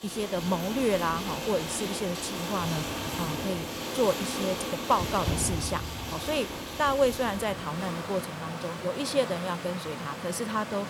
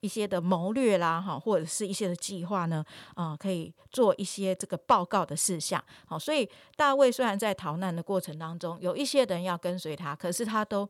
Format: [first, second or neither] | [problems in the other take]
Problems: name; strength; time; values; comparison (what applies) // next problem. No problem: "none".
second | rain or running water; loud; throughout; 4 dB below the speech